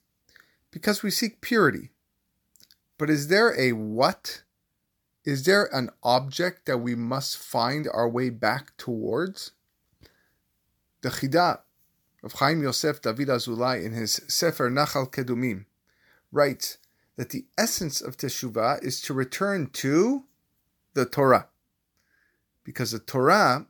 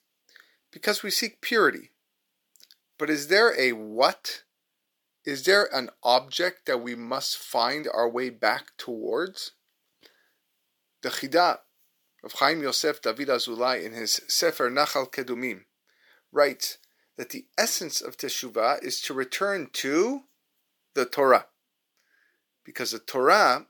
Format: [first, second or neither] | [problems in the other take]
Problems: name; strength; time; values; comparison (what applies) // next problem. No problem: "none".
first | thin; somewhat; fading below 400 Hz